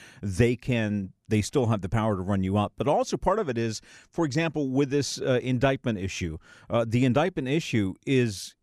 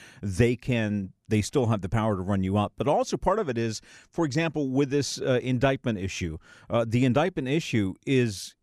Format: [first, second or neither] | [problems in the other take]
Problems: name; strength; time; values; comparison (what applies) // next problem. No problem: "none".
neither | none